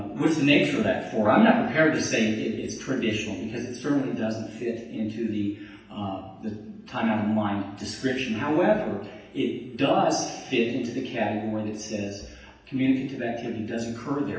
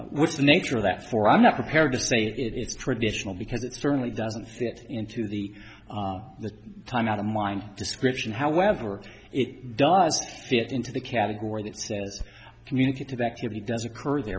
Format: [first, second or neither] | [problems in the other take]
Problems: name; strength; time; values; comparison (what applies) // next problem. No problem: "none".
second | room echo; dies away in 0.9 s